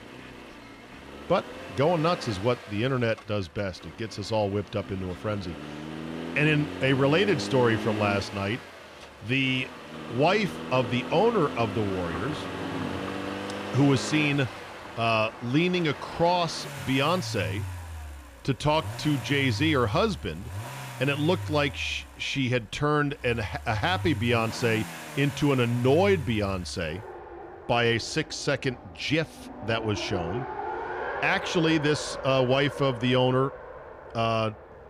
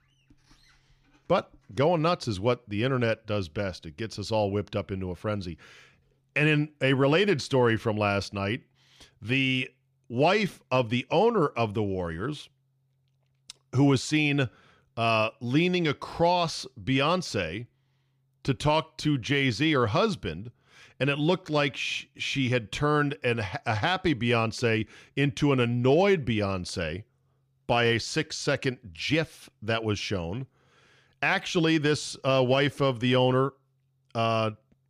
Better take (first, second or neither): second